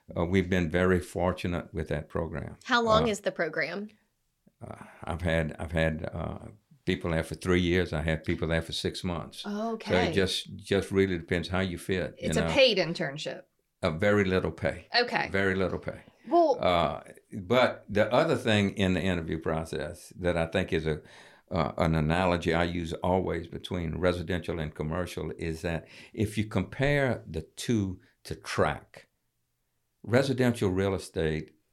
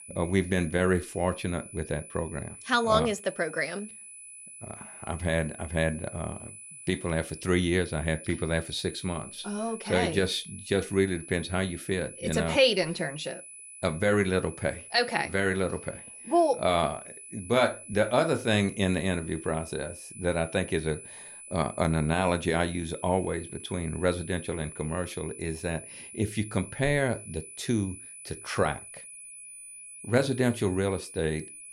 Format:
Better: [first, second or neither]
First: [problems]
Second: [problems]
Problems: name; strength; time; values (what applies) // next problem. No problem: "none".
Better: first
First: none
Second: high-pitched whine; noticeable; throughout; 10 kHz, 15 dB below the speech